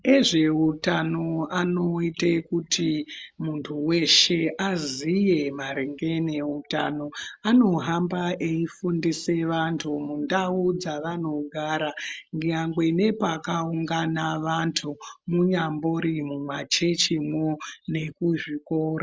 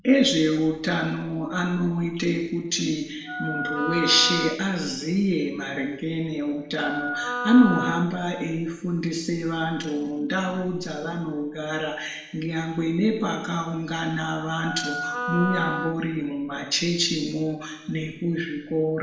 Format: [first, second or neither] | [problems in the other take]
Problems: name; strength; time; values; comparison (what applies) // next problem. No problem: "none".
first | background sound (Wind instrument, woodwind instrument); 5 dB below the speech // room echo; dies away in 0.9 s